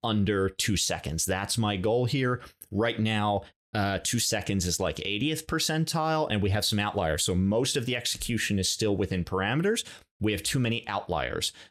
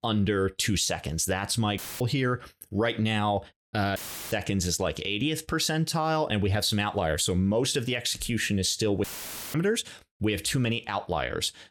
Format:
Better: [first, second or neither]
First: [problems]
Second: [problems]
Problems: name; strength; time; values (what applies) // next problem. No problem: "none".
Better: first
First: none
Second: audio cutting out; filled with static; at 2 s, at 4 s and at 9 s for 0.5 s